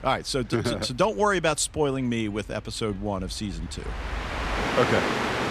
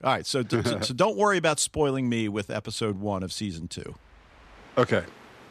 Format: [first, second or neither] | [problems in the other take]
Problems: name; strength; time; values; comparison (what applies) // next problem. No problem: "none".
second | train or aircraft noise; loud; throughout; 3 dB below the speech; faint in the second